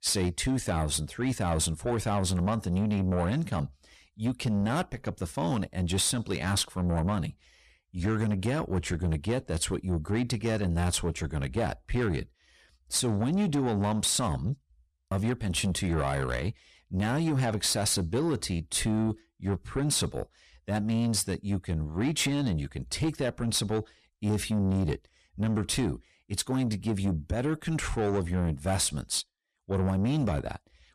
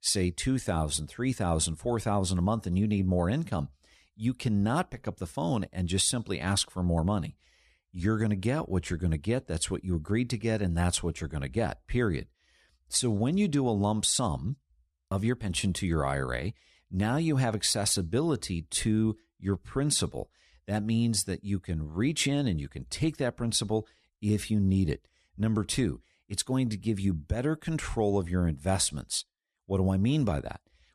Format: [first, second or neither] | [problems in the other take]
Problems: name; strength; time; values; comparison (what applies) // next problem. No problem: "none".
second | distortion; slight; 10 dB below the speech